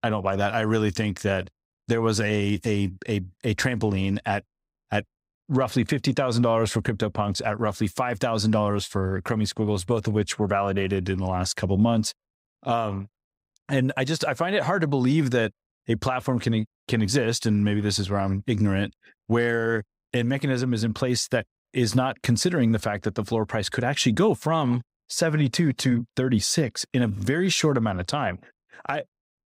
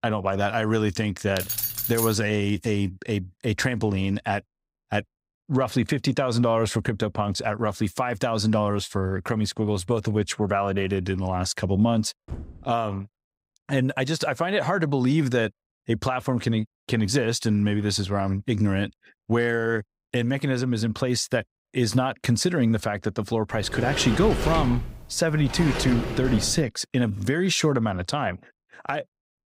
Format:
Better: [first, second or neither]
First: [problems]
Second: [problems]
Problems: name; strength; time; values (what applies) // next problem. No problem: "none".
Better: first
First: none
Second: jangling keys; noticeable; at 1.5 s; peak level with the speech // door banging; faint; at 12 s; peak 15 dB below the speech // door banging; noticeable; from 24 to 27 s; peak 2 dB below the speech